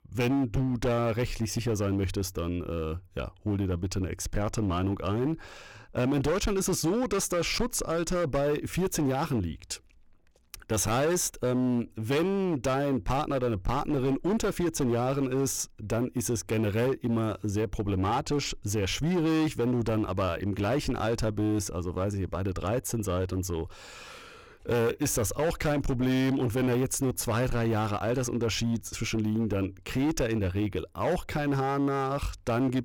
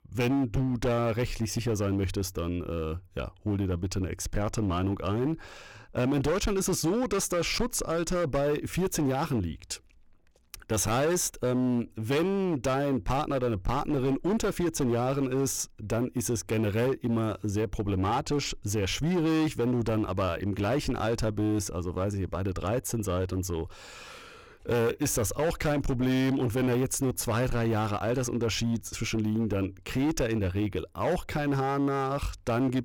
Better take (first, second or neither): neither